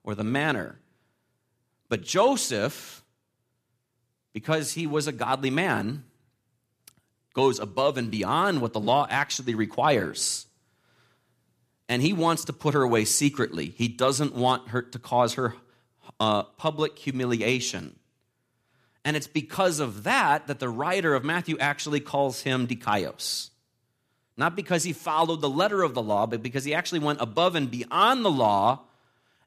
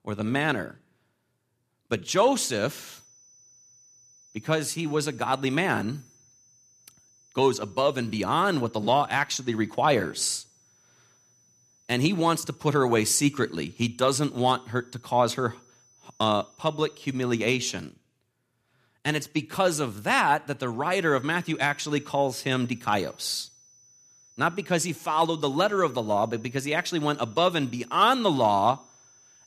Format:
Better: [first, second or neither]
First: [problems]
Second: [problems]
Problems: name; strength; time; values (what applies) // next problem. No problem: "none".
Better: first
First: none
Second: high-pitched whine; faint; from 2 to 18 s and from 21 s on; 6 kHz, 30 dB below the speech